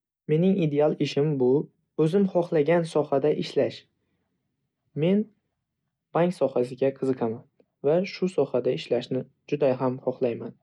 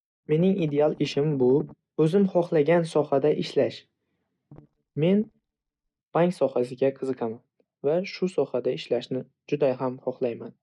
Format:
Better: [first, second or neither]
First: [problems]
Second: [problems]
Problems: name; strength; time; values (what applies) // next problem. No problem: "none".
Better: first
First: none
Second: noise reduction (neural mask model DeepFilterNet 3)